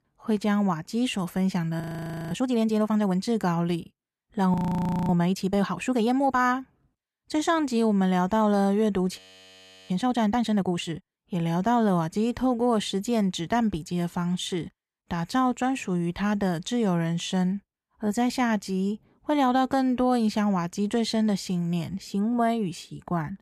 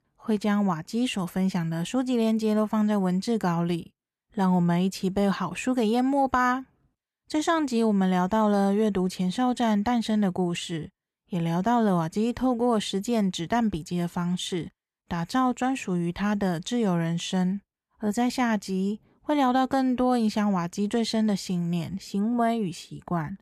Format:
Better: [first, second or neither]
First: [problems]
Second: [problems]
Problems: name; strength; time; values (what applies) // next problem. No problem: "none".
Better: second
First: audio freezing; at 2 s for 0.5 s, at 4.5 s for 0.5 s and at 9 s for 0.5 s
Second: none